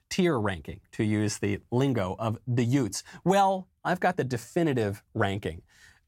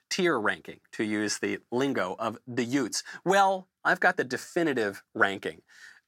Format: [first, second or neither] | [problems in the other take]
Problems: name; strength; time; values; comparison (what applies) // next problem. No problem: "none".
first | thin; very slightly; fading below 300 Hz